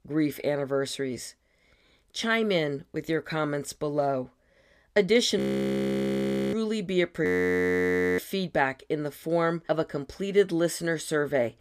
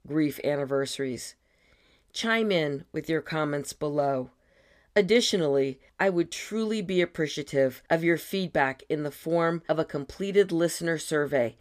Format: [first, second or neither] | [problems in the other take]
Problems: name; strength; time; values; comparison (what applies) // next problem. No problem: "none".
second | audio freezing; at 5.5 s for 1 s and at 7.5 s for 1 s